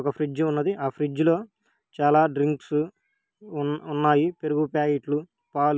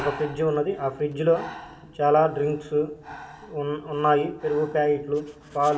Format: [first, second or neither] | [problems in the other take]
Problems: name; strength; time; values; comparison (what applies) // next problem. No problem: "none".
first | background sound (Breathing); 18 dB below the speech // room echo; dies away in 2.6 s